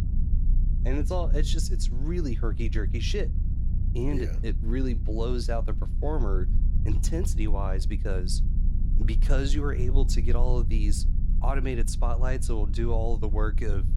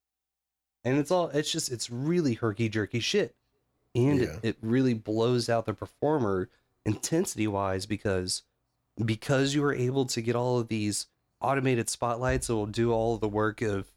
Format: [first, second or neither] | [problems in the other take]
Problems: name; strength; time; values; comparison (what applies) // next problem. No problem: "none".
second | low rumble; noticeable; throughout; 10 dB below the speech